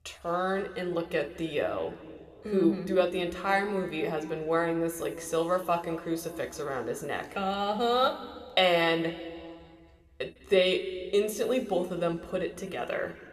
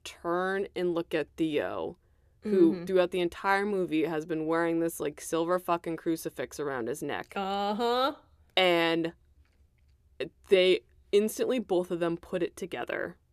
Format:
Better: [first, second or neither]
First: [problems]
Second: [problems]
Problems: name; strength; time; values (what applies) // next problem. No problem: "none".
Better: second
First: room echo; slight; dies away in 1.6 s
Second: none